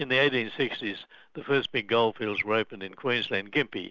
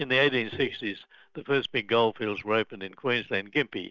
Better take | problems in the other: first | noise reduction (neural mask model DeepFilterNet 3)

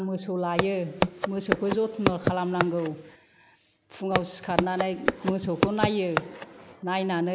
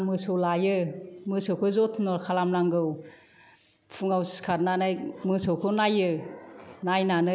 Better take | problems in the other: second | background sound (Walk, footsteps); as loud as the speech

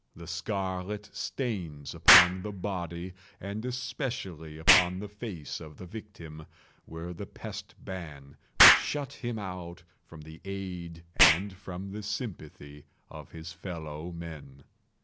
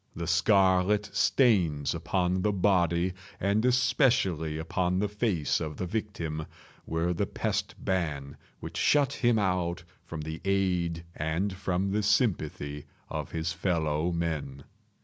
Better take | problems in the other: second | background sound (Explosion); 3 dB above the speech

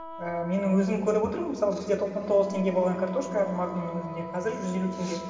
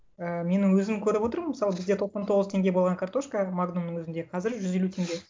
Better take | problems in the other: second | background sound (Wind instrument, woodwind instrument); 14 dB below the speech // room echo; dies away in 2.5 s

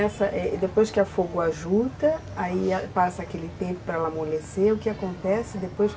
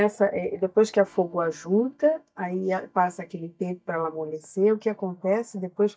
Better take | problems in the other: first | noise reduction (neural mask model DeepFilterNet 3)

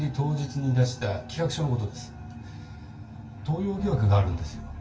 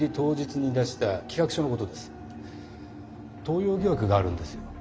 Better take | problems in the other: second | room echo; dies away in 0.2 s

